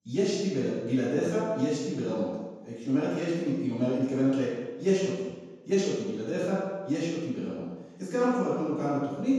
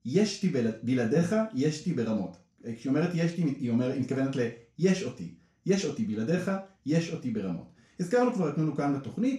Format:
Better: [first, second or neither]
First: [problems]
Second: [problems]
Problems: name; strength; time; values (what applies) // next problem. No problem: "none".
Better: second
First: room echo; strong; dies away in 1.2 s // off-mic speech; far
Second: room echo; slight; dies away in 0.3 s // off-mic speech; far